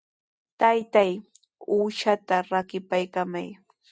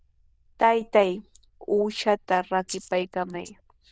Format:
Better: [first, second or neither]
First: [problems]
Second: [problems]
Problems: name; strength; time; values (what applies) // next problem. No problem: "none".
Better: first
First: none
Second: noise reduction (neural diffusion model UNIVERSE++)